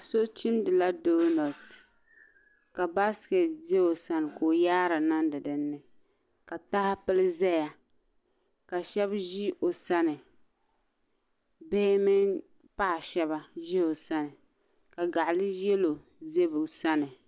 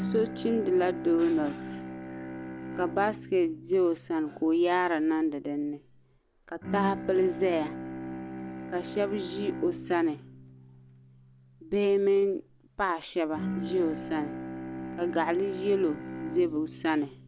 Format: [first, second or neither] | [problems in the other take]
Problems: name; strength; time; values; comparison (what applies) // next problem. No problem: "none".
first | background sound (Bowed string instrument); 10 dB below the speech